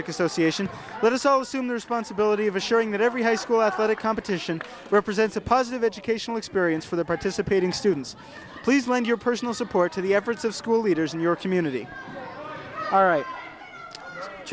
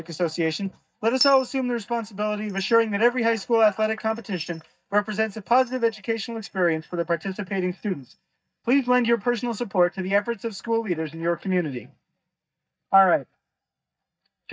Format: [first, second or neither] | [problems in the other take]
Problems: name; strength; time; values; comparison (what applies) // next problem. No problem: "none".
first | noise reduction (neural mask model DeepFilterNet 3)